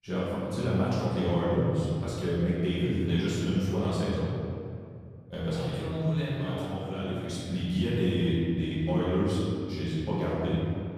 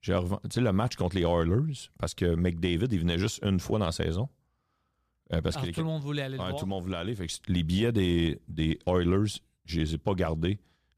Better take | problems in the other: second | off-mic speech; far // room echo; strong; dies away in 2.2 s

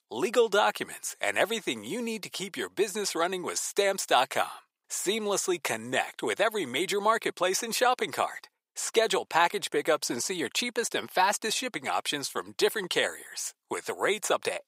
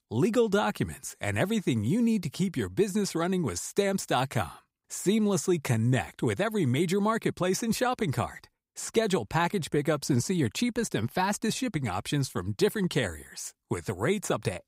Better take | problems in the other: second | thin; very; fading below 550 Hz

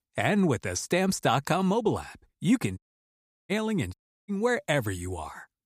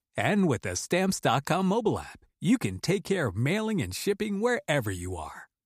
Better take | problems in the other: second | audio cutting out; at 3 s for 0.5 s and at 4 s

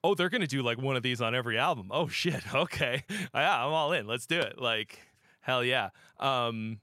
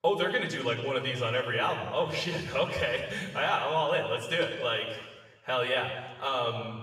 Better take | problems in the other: first | room echo; noticeable; dies away in 1.2 s // off-mic speech; far

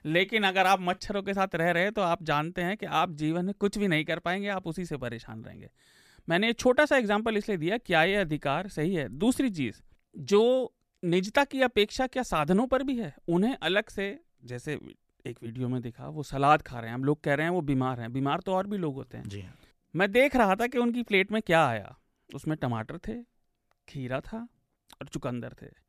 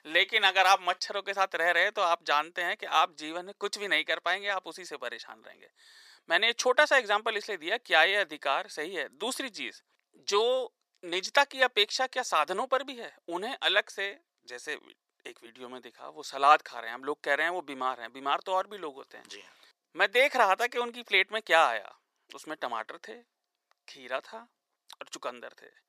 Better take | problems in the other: first | thin; very; fading below 450 Hz

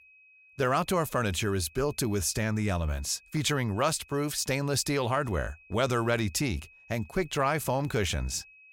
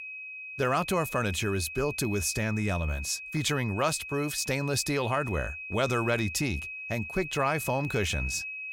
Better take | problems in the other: first | high-pitched whine; loud; throughout; 2.5 kHz, 8 dB below the speech; faint in the first

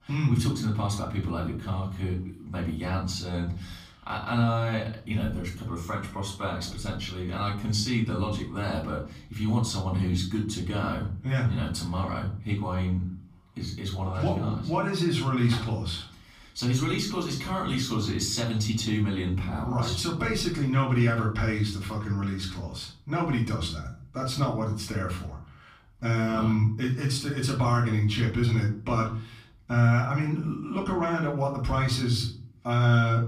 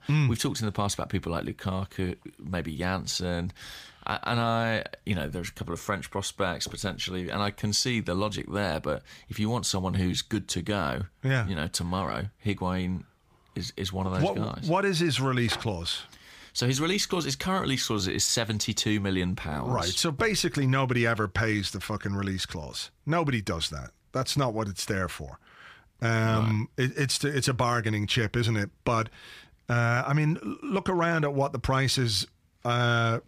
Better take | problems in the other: second | off-mic speech; far // room echo; slight; dies away in 0.5 s

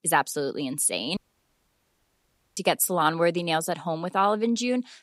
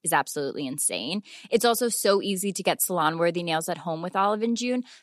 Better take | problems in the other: second | audio cutting out; at 1 s for 1.5 s

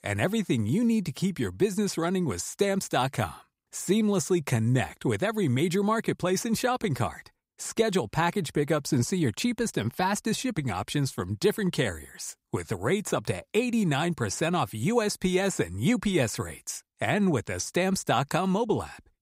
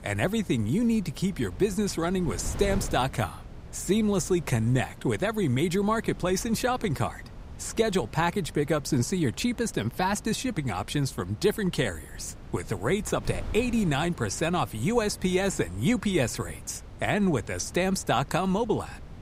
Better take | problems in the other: first | wind noise on the microphone; occasional gusts; 20 dB below the speech

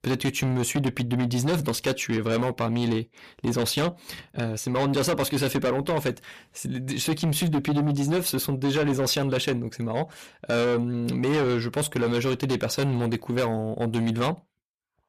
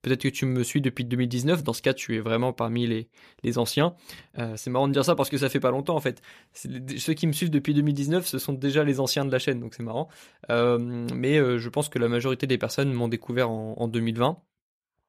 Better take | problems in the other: second | distortion; heavy; 7 dB below the speech

